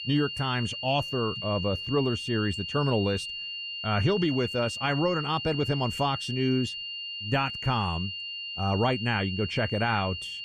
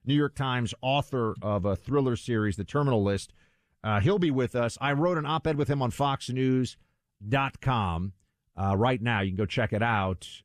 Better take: second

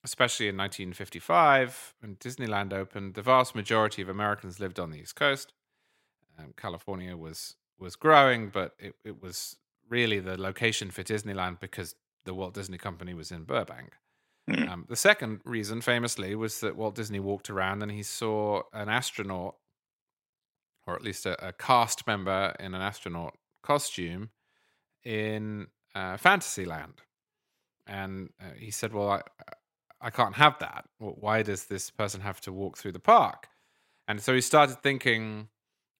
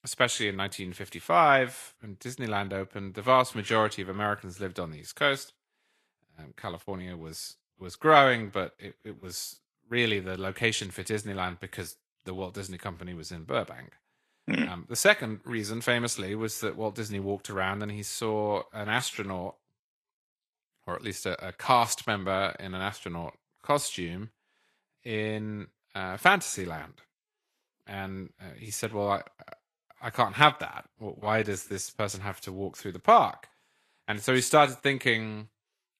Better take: first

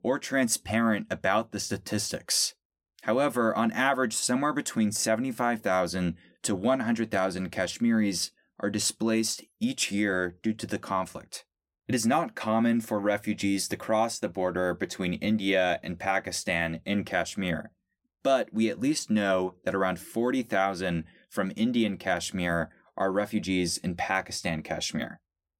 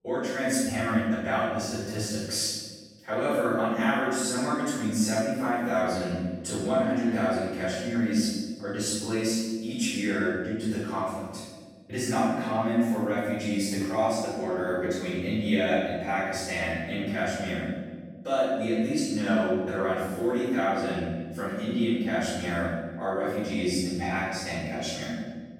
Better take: first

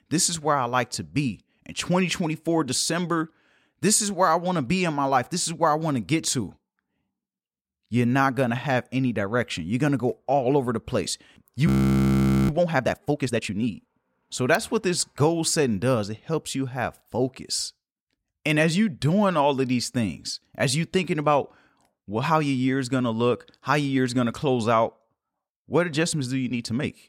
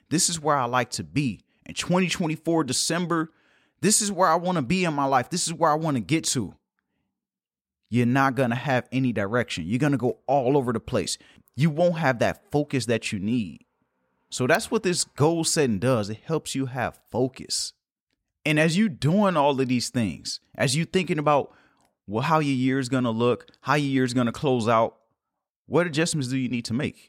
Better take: second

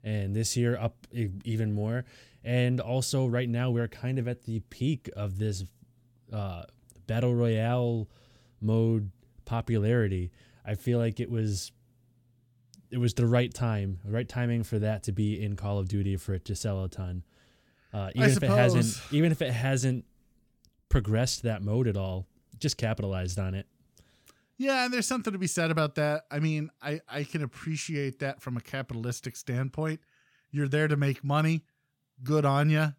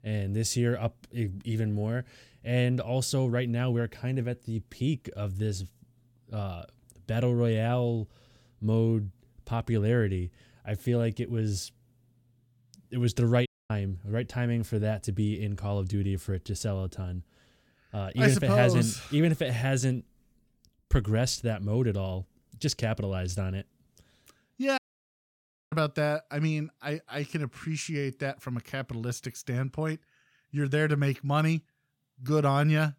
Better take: first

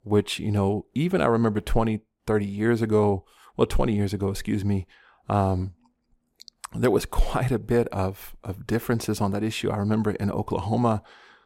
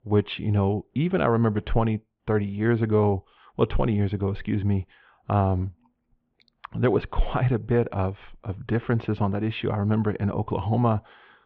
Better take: first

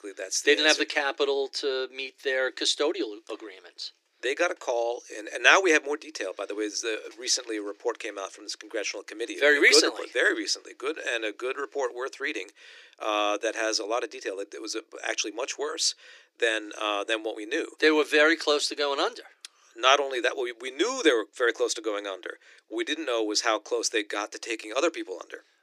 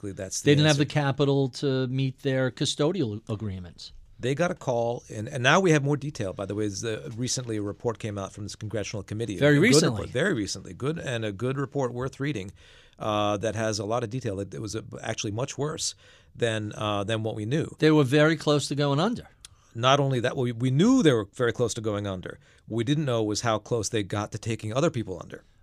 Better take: second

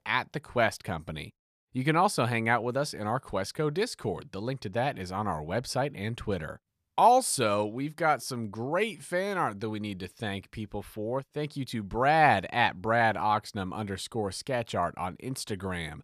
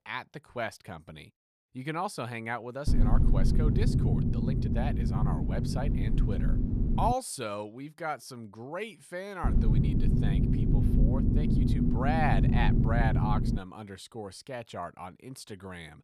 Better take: first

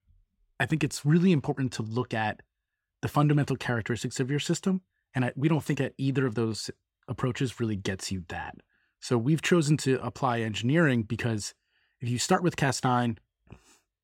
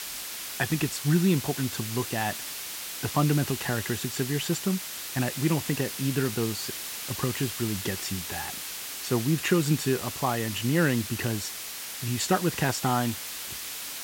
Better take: first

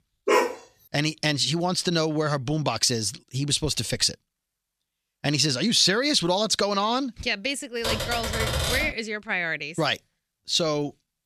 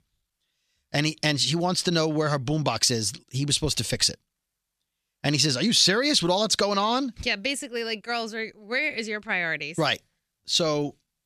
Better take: second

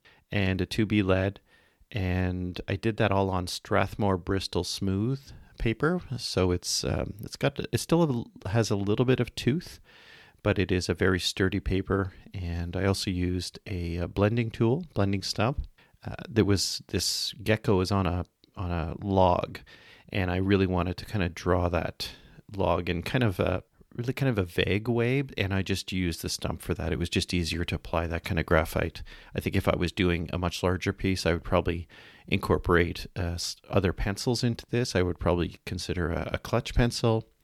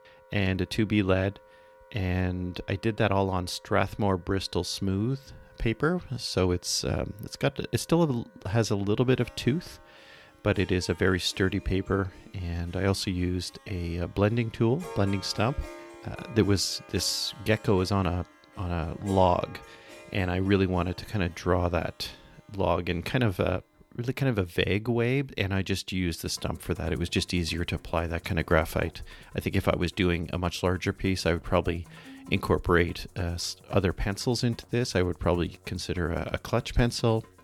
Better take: first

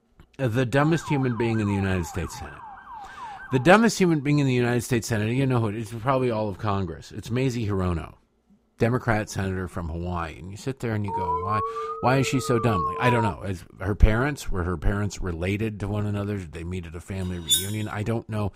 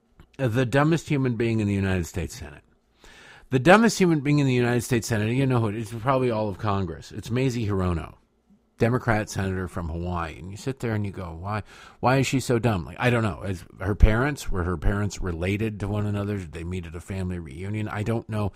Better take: second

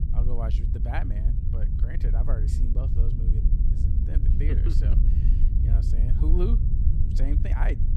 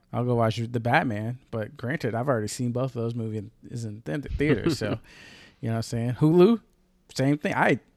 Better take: second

